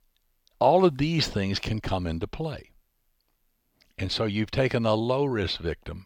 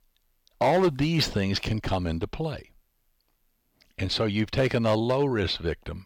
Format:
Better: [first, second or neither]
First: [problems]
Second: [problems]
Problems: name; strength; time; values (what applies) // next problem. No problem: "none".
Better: first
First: none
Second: distortion; slight; 3% of the sound clipped